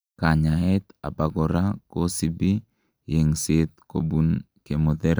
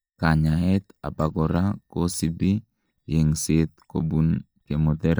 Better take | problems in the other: first | noise reduction (neural mask model DeepFilterNet 3)

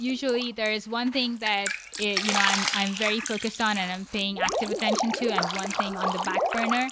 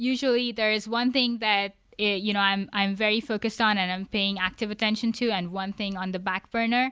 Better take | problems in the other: second | background sound (Drip); 2 dB below the speech

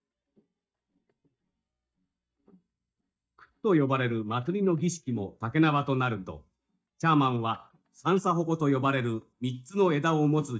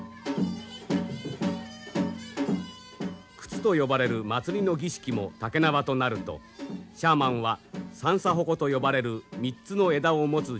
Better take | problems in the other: second | noise reduction (neural mask model DeepFilterNet 3)

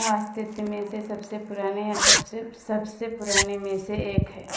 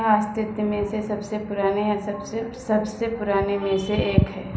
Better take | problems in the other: second | noise reduction (neural mask model Resemble Enhance denoiser)

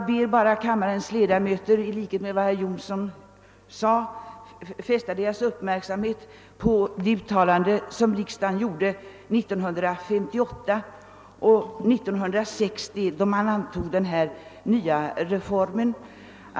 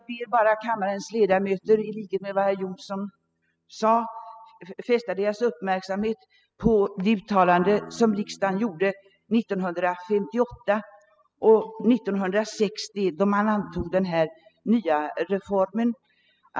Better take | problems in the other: first | noise reduction (classical method spectral subtraction)

